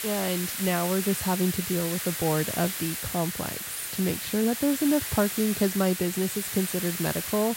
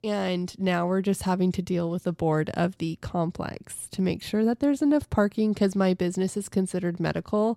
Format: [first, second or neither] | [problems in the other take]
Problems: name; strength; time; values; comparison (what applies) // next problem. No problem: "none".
second | hiss; loud; throughout; 3 dB below the speech